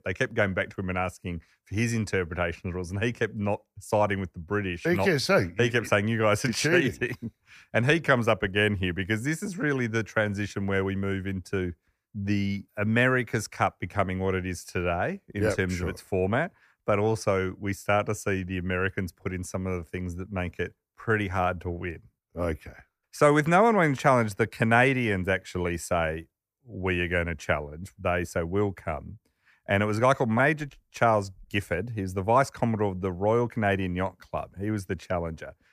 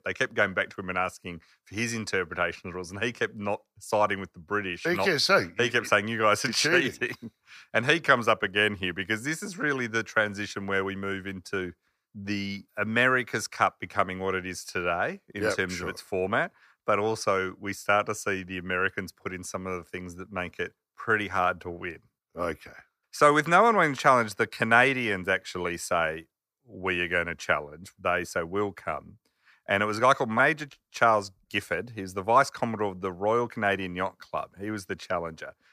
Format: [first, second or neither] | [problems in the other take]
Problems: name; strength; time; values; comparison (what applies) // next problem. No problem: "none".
first | thin; very slightly; fading below 300 Hz